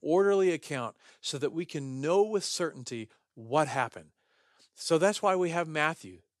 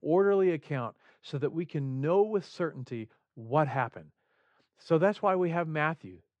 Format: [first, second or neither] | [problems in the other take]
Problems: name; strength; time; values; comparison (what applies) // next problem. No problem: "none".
first | muffled; very; fading above 2 kHz